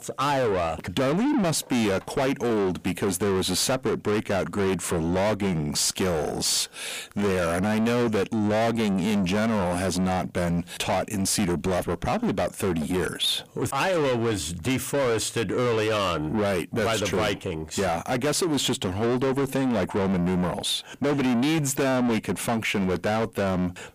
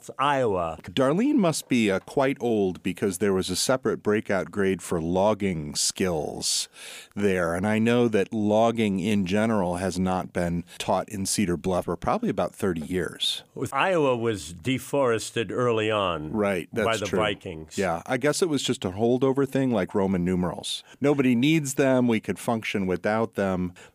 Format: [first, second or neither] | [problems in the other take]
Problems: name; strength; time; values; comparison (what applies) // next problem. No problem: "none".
second | distortion; heavy; 7 dB below the speech